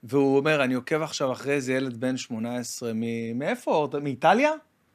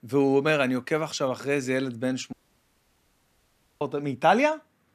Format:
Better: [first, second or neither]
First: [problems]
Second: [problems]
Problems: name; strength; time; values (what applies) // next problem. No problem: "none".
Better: first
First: none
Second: audio cutting out; at 2.5 s for 1.5 s